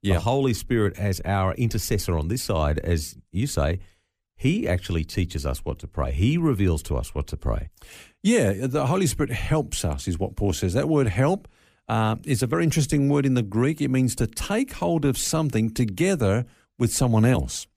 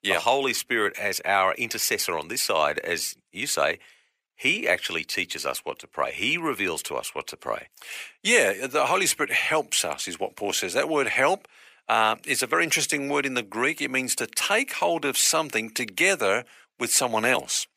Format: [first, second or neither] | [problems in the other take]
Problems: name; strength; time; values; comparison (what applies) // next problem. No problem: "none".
first | thin; very; fading below 650 Hz